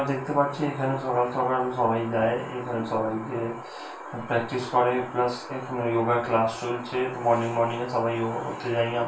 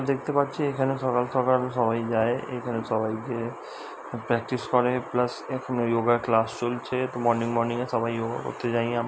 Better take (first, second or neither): second